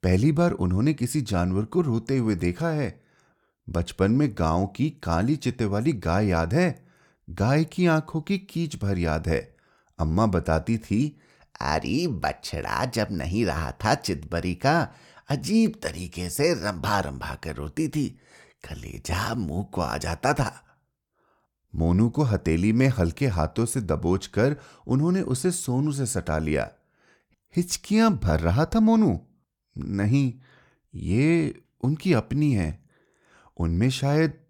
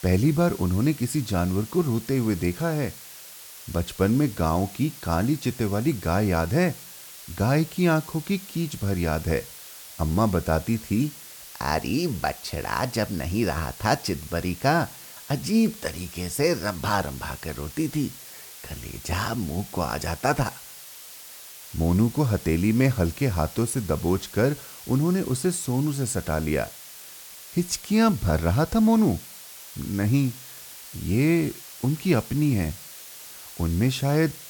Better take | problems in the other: first | hiss; noticeable; throughout; 15 dB below the speech

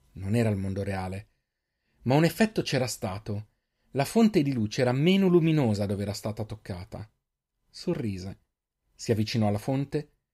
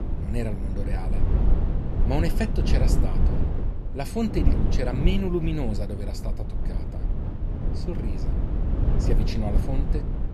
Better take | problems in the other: first | low rumble; loud; throughout; 4 dB below the speech

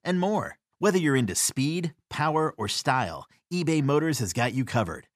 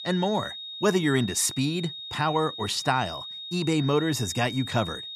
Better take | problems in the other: first | high-pitched whine; loud; throughout; 3.5 kHz, 9 dB below the speech

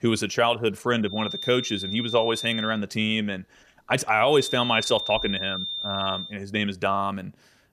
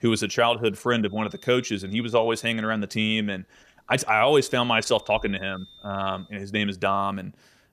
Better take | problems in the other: second | high-pitched whine; loud; from 1 to 2.5 s and from 4.5 to 6.5 s; 3.5 kHz, 5 dB below the speech; faint in the second

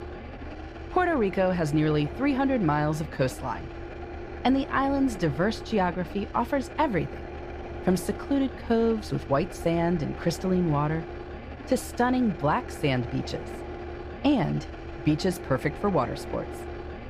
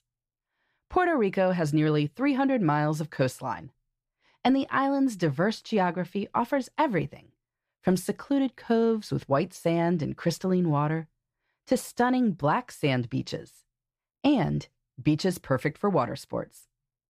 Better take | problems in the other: second | low rumble; noticeable; throughout; 10 dB below the speech

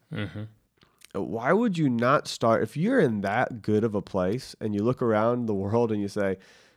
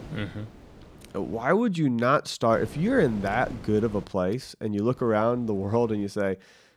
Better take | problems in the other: first | wind noise on the microphone; occasional gusts; until 1.5 s, from 2.5 to 4 s and from 5 to 6 s; 20 dB below the speech

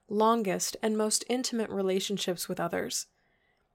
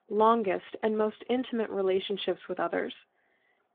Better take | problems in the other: first | phone-call audio; nothing above 3.5 kHz

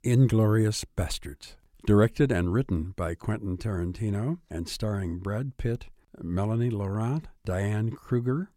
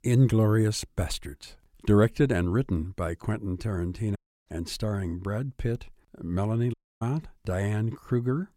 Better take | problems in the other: first | audio cutting out; at 4 s and at 6.5 s

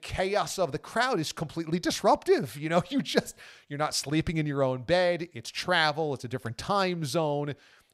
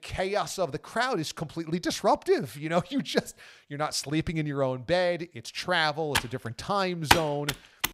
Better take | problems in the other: first | keyboard typing; loud; from 6 s on; peak 5 dB above the speech

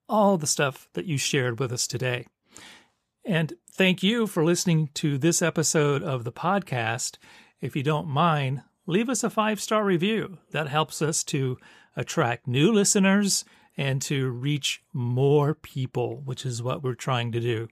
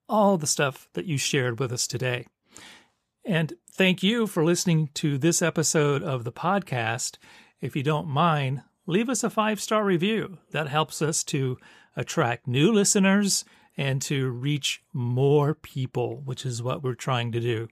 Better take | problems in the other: neither | none

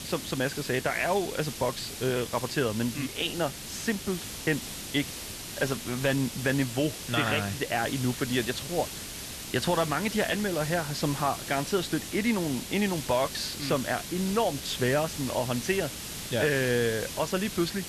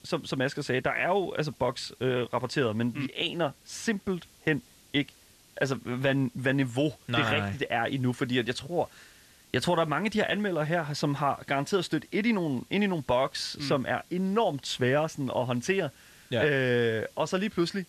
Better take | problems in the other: second | hiss; loud; throughout; 7 dB below the speech; faint in the second

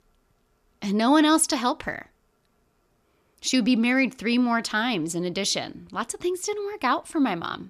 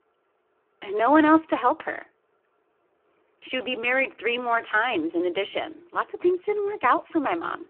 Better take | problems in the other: first | phone-call audio; poor line

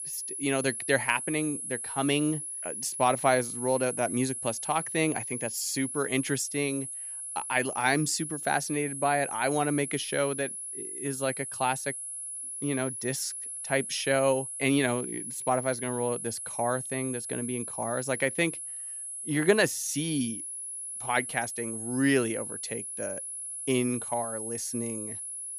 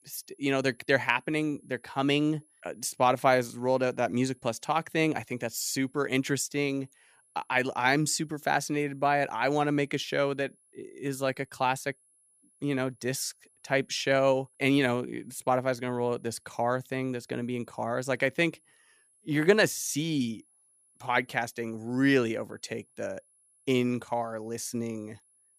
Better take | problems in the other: second | high-pitched whine; loud; throughout; 10.5 kHz, 5 dB below the speech; faint in the second

